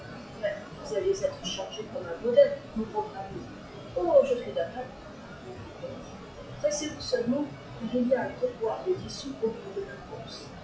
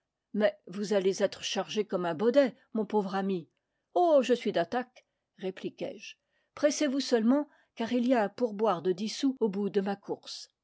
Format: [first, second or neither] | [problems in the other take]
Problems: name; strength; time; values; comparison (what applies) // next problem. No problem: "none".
second | noise reduction (classical method WPE with log-MMSE)